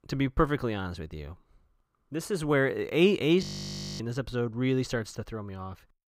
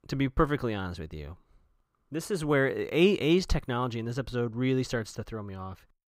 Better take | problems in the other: second | audio freezing; at 3.5 s for 0.5 s

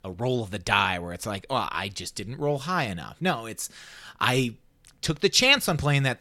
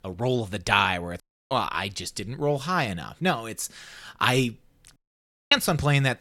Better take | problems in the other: first | audio cutting out; at 1 s and at 5 s for 0.5 s

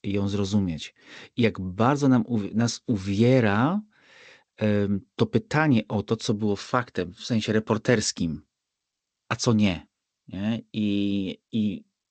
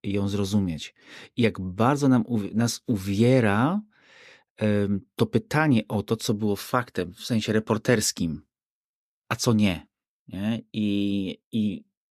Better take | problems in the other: second | garbled, watery; slightly; nothing above 8 kHz

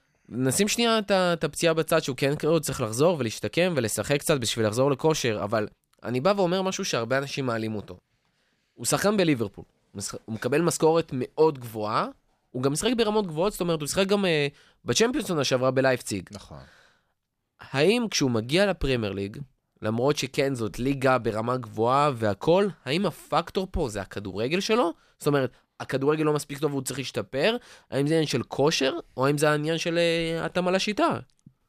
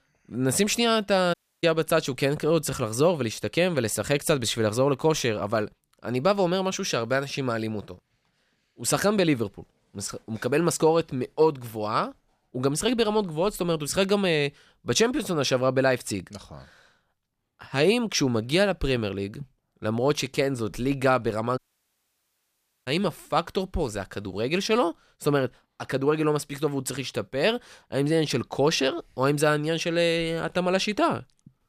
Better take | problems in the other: first | audio cutting out; at 1.5 s and at 22 s for 1.5 s

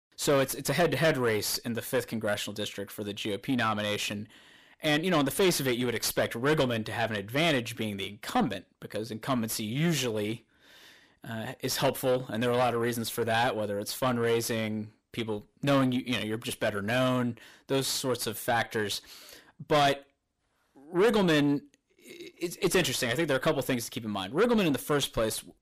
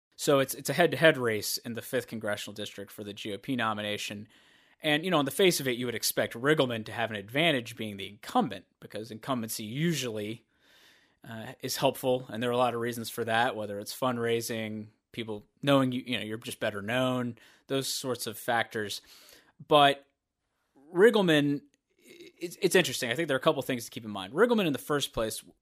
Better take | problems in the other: second | distortion; heavy; 7 dB below the speech

